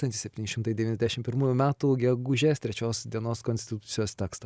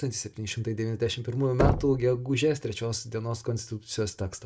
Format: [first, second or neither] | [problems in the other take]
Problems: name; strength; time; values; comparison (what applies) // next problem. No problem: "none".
first | background sound (Knock); 4 dB below the speech // room echo; dies away in 0.2 s